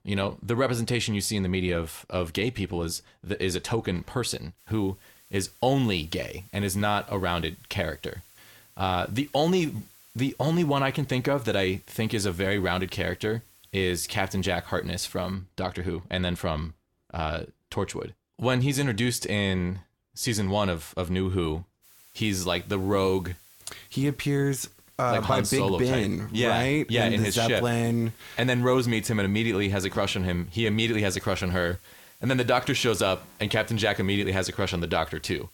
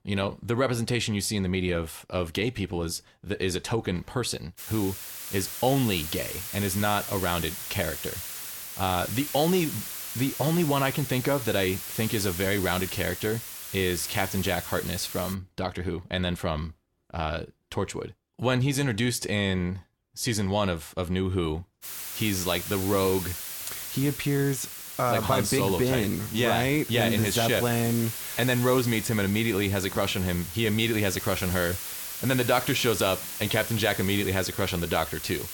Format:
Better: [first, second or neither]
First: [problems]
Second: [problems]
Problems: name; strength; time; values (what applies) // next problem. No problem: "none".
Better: first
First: hiss; faint; from 4.5 to 15 s and from 22 s on; 25 dB below the speech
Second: hiss; loud; from 4.5 to 15 s and from 22 s on; 7 dB below the speech